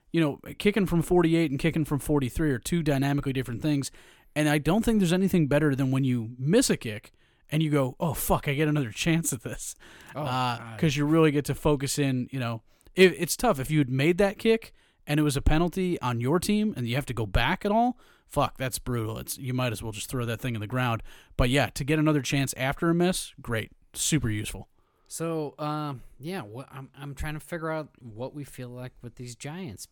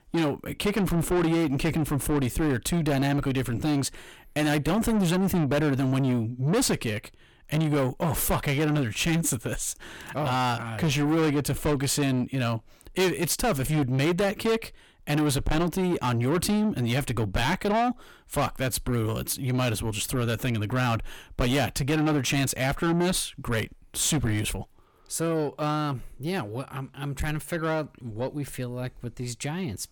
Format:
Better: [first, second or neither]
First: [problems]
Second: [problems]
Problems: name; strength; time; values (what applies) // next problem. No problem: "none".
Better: first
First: none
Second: distortion; heavy; 7 dB below the speech